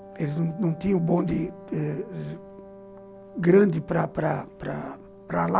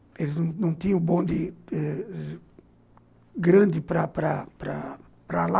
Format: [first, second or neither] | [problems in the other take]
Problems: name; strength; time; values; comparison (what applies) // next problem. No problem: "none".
second | background sound (Wind instrument, woodwind instrument); 19 dB below the speech